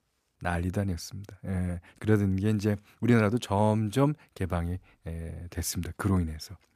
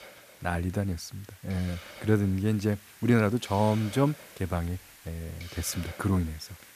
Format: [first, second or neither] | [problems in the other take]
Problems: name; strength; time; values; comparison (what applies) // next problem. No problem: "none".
first | hiss; noticeable; throughout; 20 dB below the speech